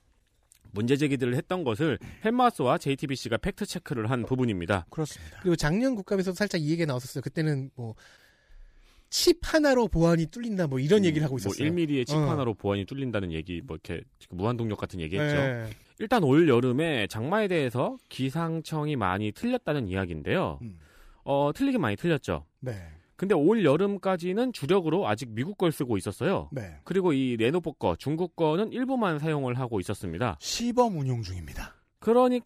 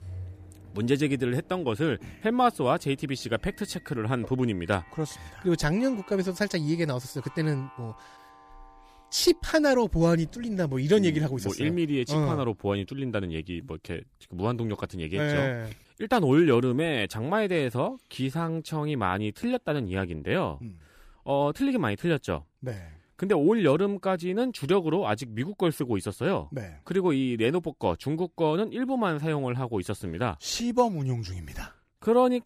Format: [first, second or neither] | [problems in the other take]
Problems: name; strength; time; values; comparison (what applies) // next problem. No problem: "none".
first | household noises; faint; until 11 s; 25 dB below the speech